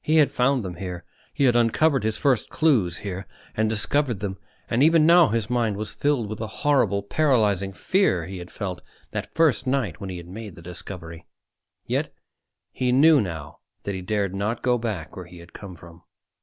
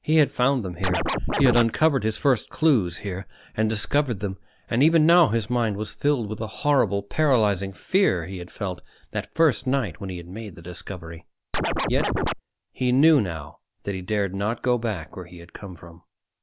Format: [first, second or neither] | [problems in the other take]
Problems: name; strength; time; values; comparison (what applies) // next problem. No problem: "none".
first | background sound (Scratching (performance technique)); as loud as the speech